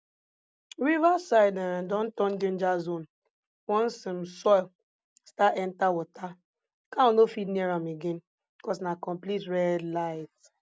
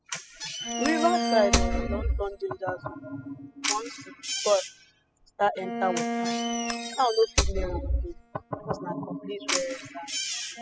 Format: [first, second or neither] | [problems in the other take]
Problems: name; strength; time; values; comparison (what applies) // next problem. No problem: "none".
first | noise reduction (classical method spectral subtraction)